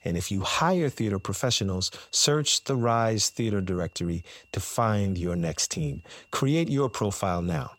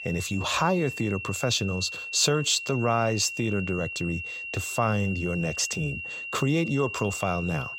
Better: first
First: high-pitched whine; faint; throughout; 2.5 kHz, 35 dB below the speech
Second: high-pitched whine; loud; throughout; 2.5 kHz, 7 dB below the speech

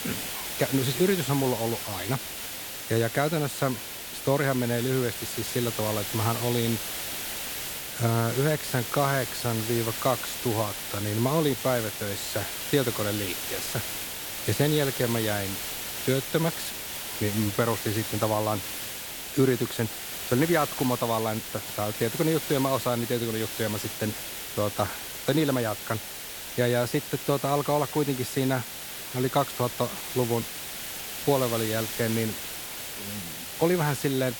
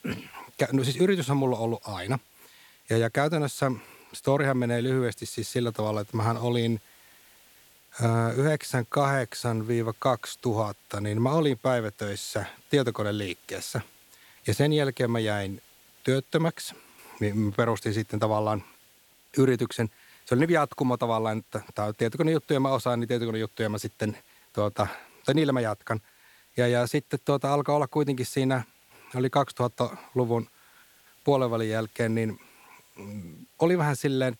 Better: second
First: hiss; loud; throughout; 5 dB below the speech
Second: hiss; faint; throughout; 30 dB below the speech

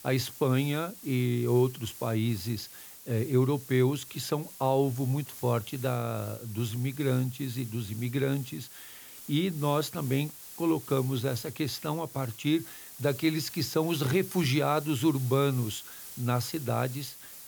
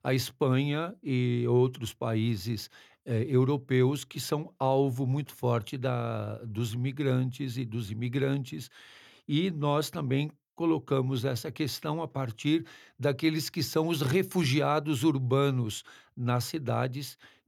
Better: second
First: hiss; noticeable; throughout; 15 dB below the speech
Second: none

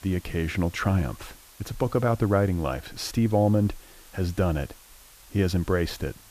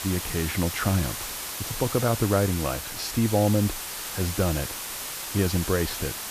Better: first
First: hiss; faint; throughout; 25 dB below the speech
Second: hiss; loud; throughout; 5 dB below the speech

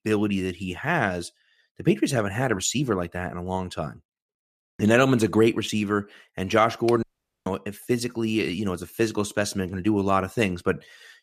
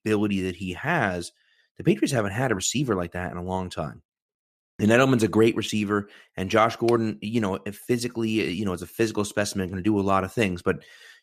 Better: second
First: audio cutting out; at 7 s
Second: none

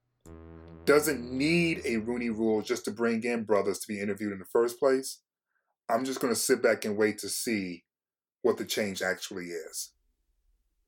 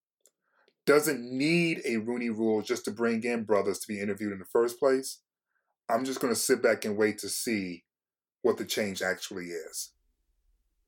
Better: second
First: background music; faint; until 2.5 s; 20 dB below the speech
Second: none

